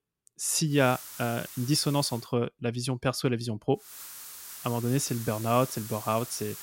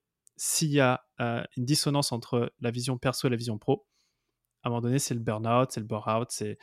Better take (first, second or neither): second